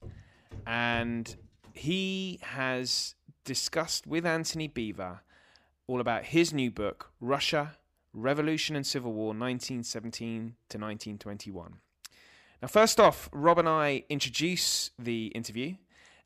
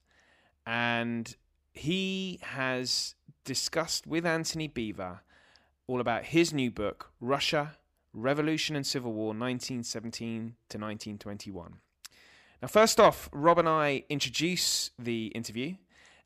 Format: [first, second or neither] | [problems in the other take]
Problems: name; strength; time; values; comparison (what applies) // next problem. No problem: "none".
second | footsteps; faint; until 1.5 s; peak 15 dB below the speech